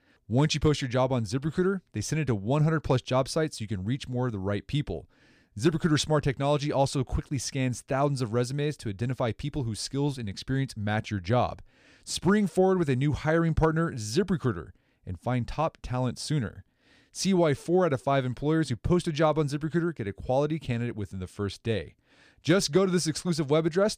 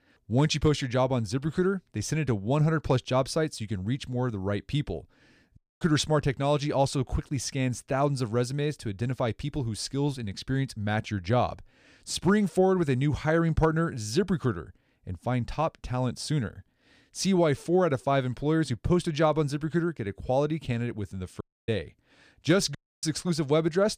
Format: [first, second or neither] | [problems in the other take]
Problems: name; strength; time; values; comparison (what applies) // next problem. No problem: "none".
first | audio cutting out; at 5.5 s, at 21 s and at 23 s